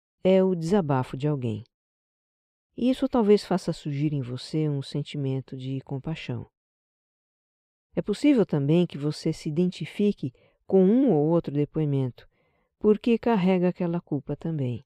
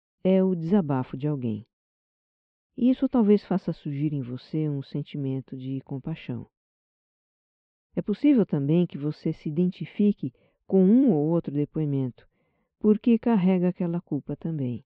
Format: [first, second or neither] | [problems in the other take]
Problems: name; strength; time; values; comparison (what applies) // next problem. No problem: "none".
first | muffled; slightly; fading above 3.5 kHz